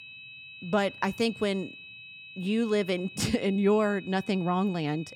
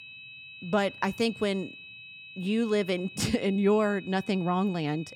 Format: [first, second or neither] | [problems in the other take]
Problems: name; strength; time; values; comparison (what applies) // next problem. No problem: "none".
neither | high-pitched whine; noticeable; throughout; 2.5 kHz, 15 dB below the speech; the same in both